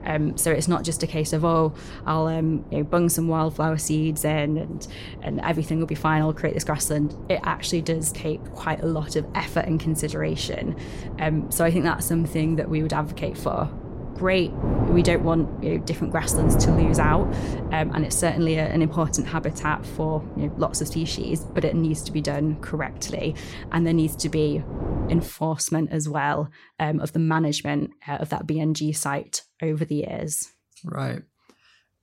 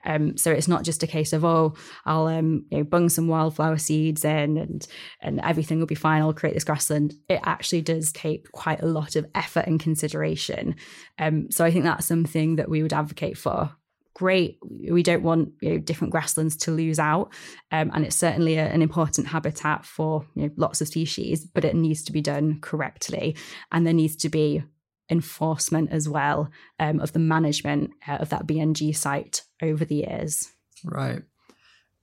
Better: second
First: wind noise on the microphone; occasional gusts; until 25 s; 10 dB below the speech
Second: none

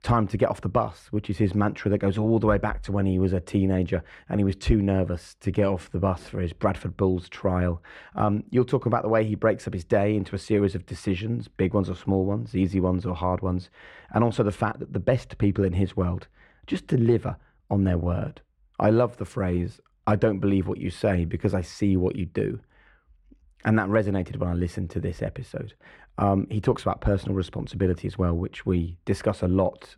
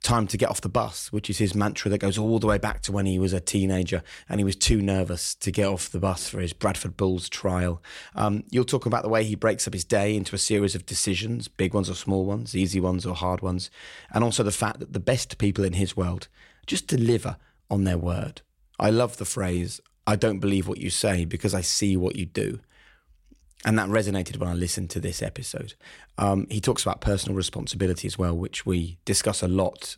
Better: second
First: muffled; very; fading above 3.5 kHz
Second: none

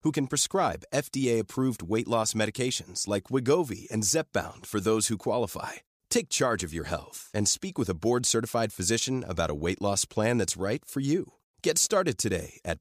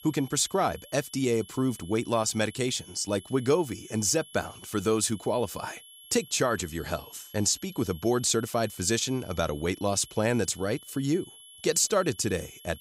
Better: first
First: none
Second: high-pitched whine; noticeable; throughout; 3 kHz, 20 dB below the speech

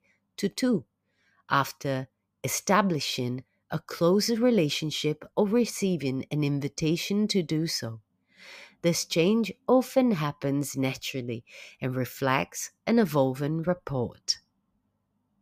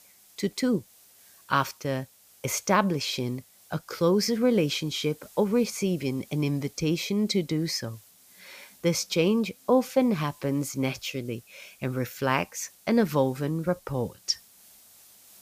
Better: first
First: none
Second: hiss; faint; throughout; 25 dB below the speech

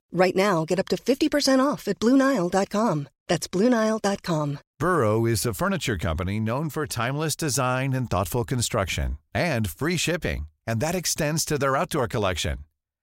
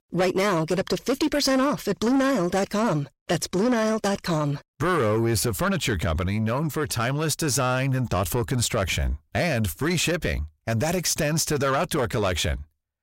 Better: first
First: none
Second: distortion; slight; 10 dB below the speech

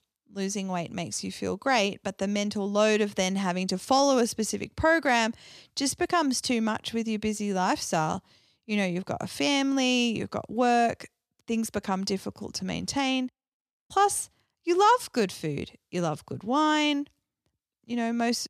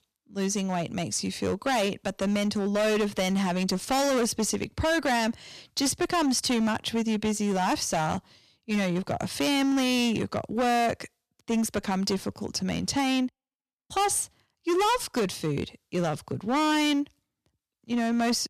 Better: first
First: none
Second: distortion; heavy; 14% of the sound clipped

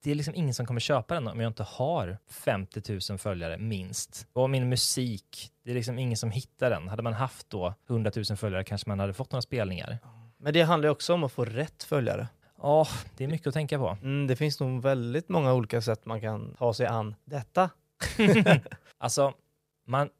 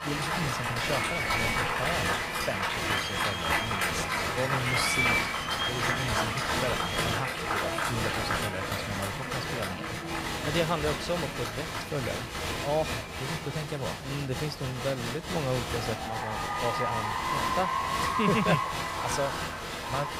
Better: first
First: none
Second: crowd noise; very loud; throughout; 5 dB above the speech

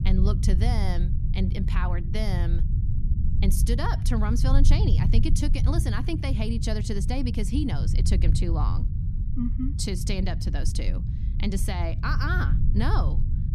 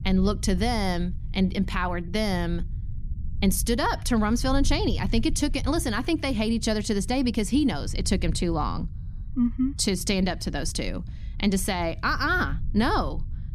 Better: second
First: low rumble; loud; throughout; 8 dB below the speech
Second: low rumble; faint; throughout; 25 dB below the speech

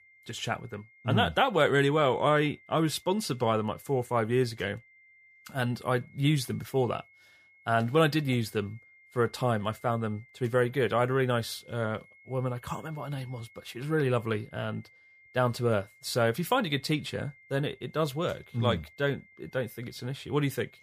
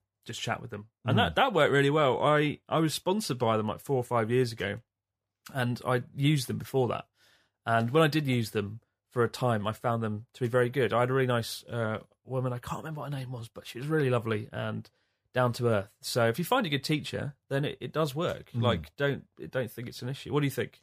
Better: second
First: high-pitched whine; faint; throughout; 2 kHz, 25 dB below the speech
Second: none

